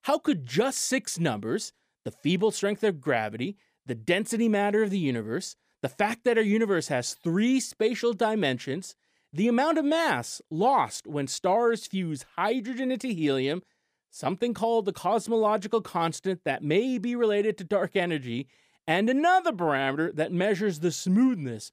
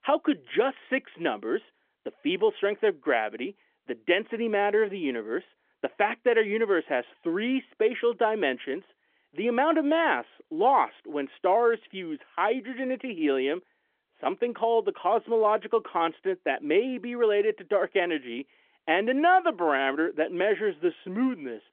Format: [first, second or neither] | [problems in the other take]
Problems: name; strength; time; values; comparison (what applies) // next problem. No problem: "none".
first | phone-call audio; nothing above 3.5 kHz